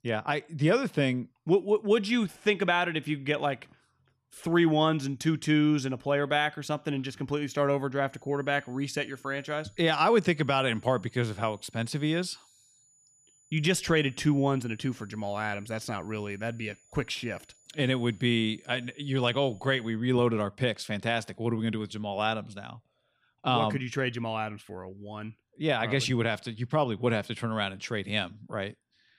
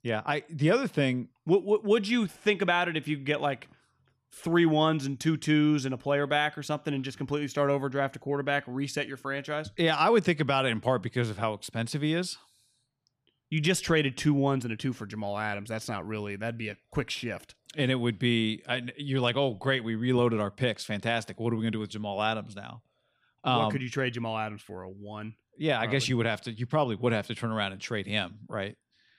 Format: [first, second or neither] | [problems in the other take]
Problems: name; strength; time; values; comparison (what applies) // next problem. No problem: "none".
second | high-pitched whine; faint; from 8 to 20 s; 7 kHz, 30 dB below the speech